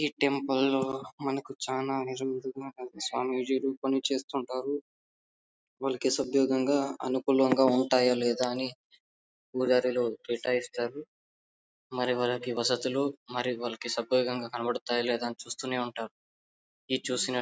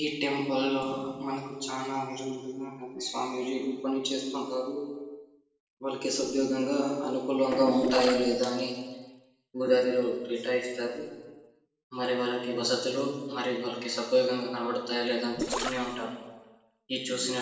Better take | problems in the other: first | noise reduction (neural separator model SepFormer DNS4)

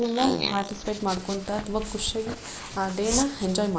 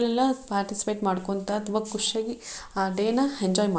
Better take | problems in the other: second | noise reduction (neural mask model Resemble Enhance denoiser)

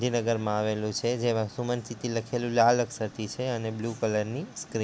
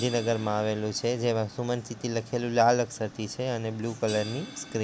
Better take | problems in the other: first | background sound (Crash cymbal); 19 dB below the speech

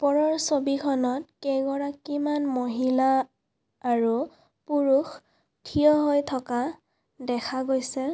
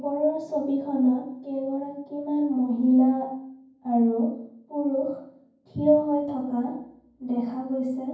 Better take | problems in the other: first | room echo; dies away in 0.9 s

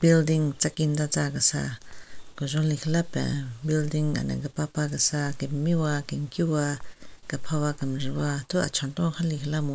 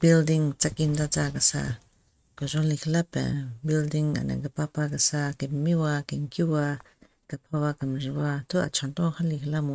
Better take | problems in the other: first | noise reduction (neural mask model RNNoise)

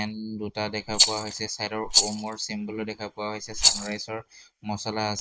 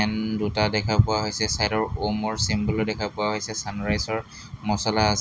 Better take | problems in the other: second | noise reduction (neural mask model Resemble Enhance denoiser)

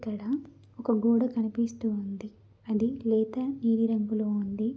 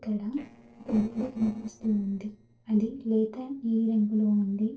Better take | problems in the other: first | noise reduction (neural separator model SepFormer DNS4)

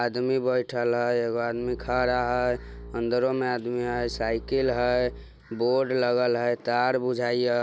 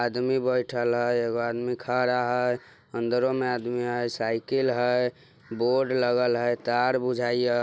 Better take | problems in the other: second | background sound (Bowed string instrument); 16 dB below the speech

